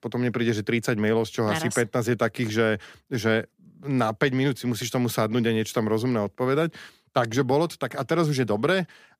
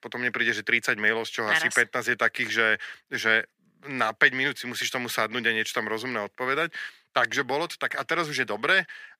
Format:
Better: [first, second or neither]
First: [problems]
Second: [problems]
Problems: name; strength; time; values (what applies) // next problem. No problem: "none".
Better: first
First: none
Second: thin; very; fading below 600 Hz